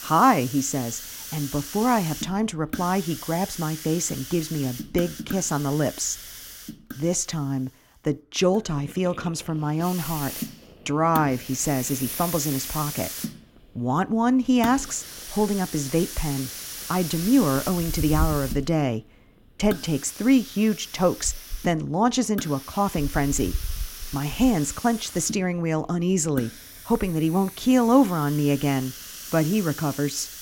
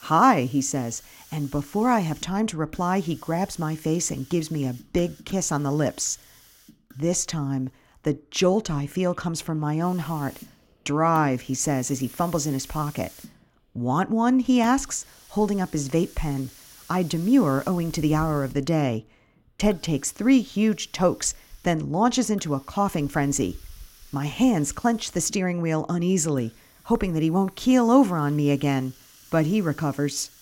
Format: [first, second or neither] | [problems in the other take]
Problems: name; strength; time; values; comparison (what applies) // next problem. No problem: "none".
second | hiss; loud; throughout; 10 dB below the speech; faint in the second